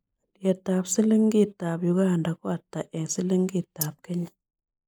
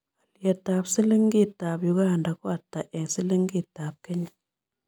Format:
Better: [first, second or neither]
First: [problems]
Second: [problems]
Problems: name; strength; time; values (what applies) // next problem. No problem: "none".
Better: second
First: noise reduction (neural mask model Resemble Enhance denoiser)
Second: none